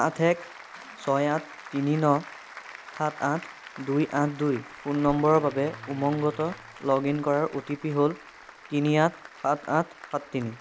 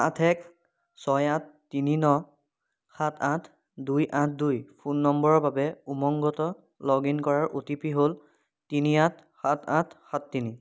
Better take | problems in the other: second | background sound (Electric guitar / Bass guitar + Applause); 17 dB below the speech

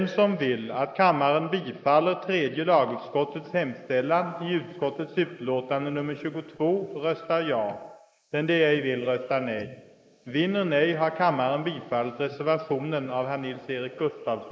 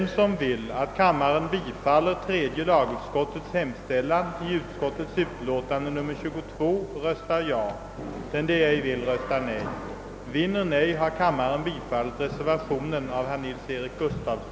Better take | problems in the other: second | noise reduction (neural mask model Resemble Enhance denoiser)

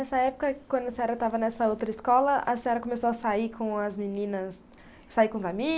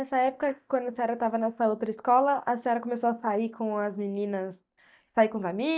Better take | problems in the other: first | noise reduction (neural mask model DeepFilterNet 3)

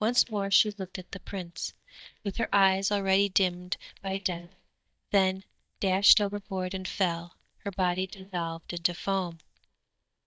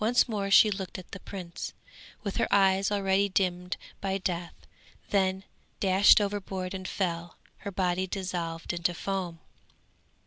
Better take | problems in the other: second | noise reduction (neural mask model DeepFilterNet 3)

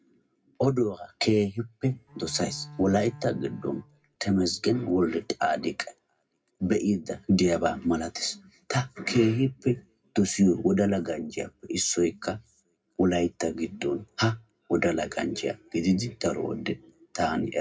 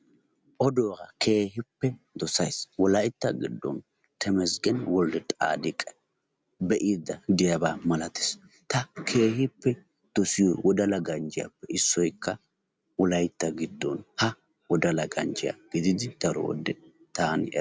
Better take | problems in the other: second | background sound (Bowed string instrument); 18 dB below the speech // room echo; dies away in 0.2 s

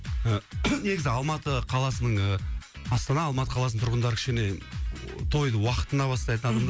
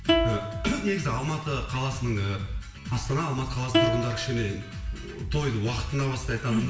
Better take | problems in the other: first | background sound (Plucked string instrument); 4 dB below the speech // room echo; dies away in 0.8 s

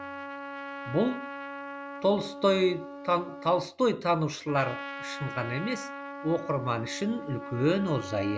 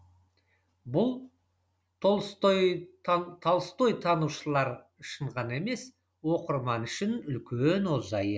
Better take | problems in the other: second | background sound (Trumpet); 10 dB below the speech

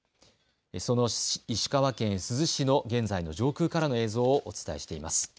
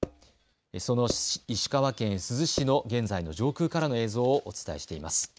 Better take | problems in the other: first | background sound (Percussion); 9 dB below the speech

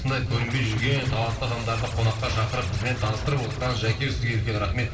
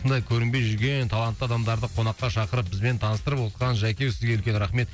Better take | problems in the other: second | background sound (Scratching (performance technique)); 14 dB below the speech // room echo; dies away in 2.7 s

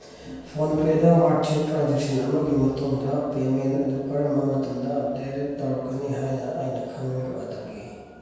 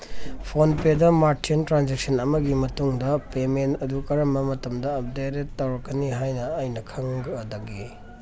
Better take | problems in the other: second | room echo; dies away in 1.2 s

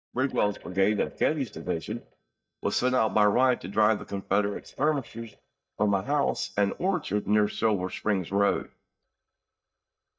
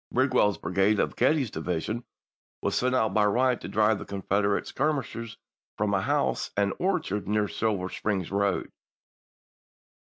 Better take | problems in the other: second | noise reduction (neural mask model DeepFilterNet 3)

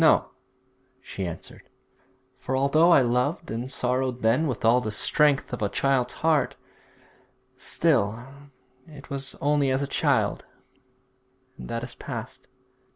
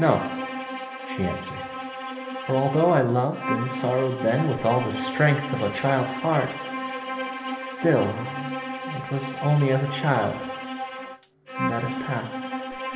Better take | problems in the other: first | background sound (Bowed string instrument); 6 dB below the speech // room echo; dies away in 1 s

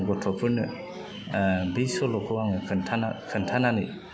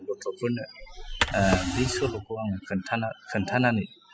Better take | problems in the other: first | noise reduction (classical method spectral subtraction)

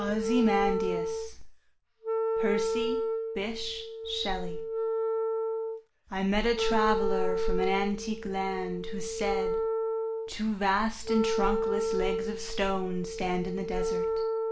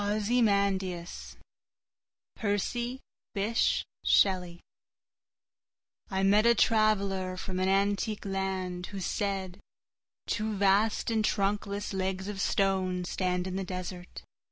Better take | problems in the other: second | background sound (Wind instrument, woodwind instrument); as loud as the speech // room echo; dies away in 0.4 s

